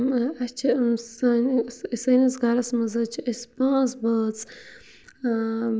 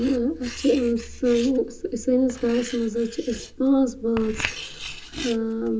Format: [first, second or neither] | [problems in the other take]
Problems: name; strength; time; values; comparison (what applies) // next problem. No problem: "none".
first | background sound (Writing); 13 dB below the speech // room echo; dies away in 0.2 s